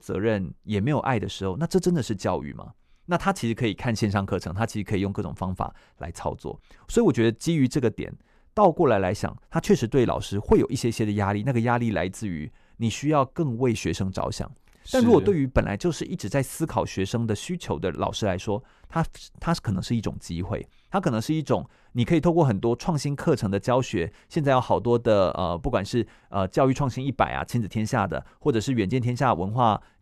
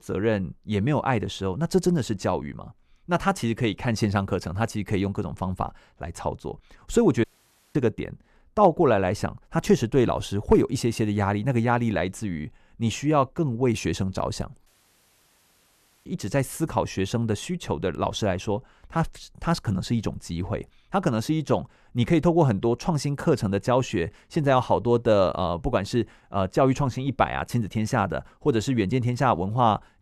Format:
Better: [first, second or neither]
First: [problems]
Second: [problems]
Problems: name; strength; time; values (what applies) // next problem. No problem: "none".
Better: first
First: none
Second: audio cutting out; at 7 s for 0.5 s and at 15 s for 1.5 s